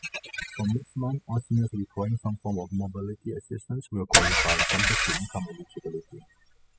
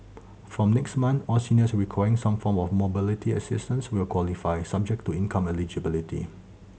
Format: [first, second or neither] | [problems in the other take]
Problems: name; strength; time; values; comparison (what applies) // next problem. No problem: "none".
second | noise reduction (classical method spectral subtraction)